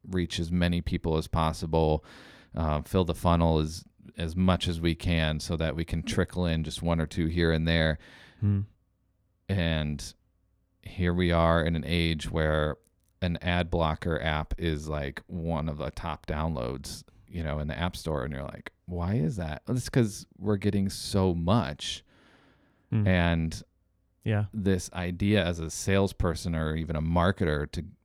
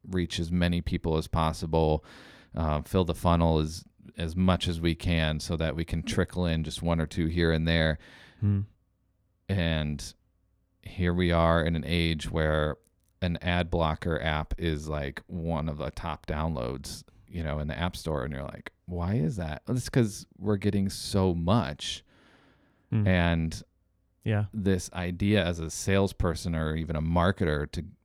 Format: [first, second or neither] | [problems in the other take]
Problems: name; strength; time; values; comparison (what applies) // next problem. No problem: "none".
neither | none